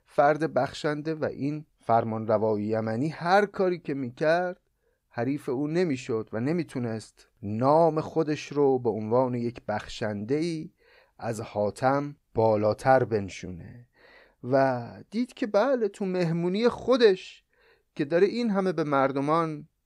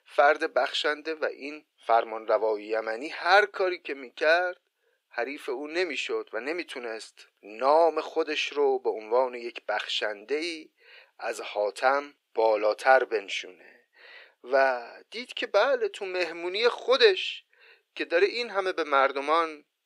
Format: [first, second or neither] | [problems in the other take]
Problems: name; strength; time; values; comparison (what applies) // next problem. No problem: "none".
first | thin; very; fading below 350 Hz